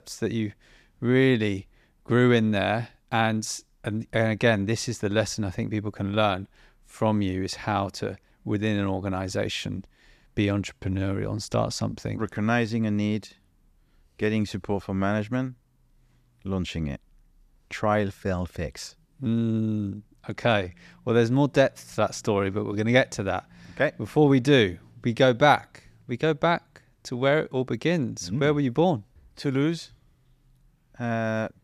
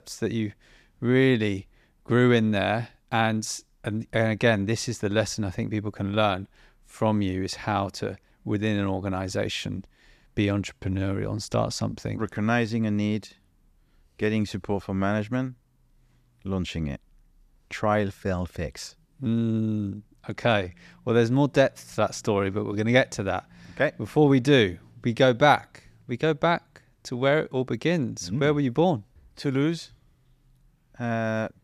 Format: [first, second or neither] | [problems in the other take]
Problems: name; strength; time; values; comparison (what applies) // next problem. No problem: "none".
neither | none